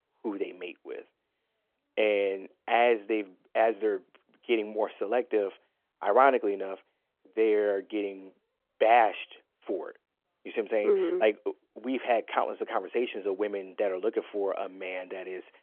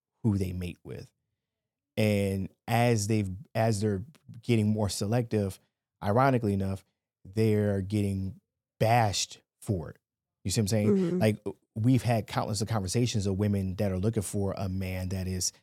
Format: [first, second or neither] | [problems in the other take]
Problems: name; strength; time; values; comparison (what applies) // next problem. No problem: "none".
second | phone-call audio